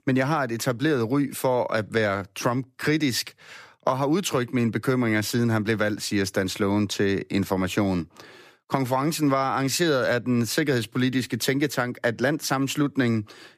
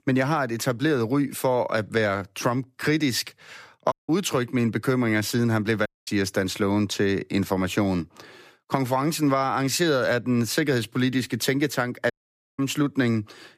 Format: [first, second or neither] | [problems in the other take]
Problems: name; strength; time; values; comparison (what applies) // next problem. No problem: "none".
first | audio cutting out; at 4 s, at 6 s and at 12 s